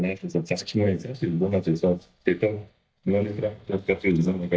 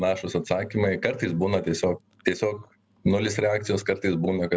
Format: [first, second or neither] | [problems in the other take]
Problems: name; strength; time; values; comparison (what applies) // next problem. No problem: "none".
second | noise reduction (neural mask model DeepFilterNet 3)